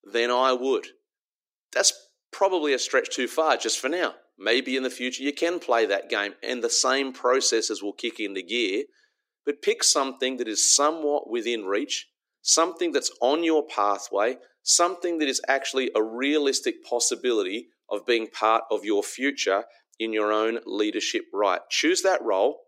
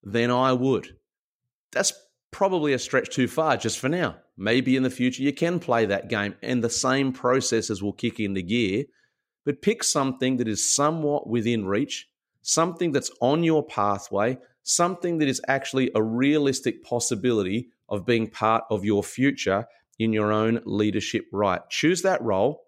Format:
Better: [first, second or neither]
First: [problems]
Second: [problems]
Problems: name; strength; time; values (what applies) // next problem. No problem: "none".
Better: second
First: thin; somewhat; fading below 300 Hz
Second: none